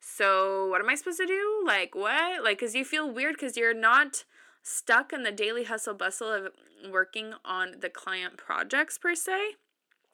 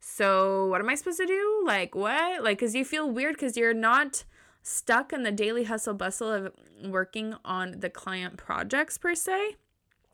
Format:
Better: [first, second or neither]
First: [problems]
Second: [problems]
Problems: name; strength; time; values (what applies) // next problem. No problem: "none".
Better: second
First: thin; somewhat; fading below 300 Hz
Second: none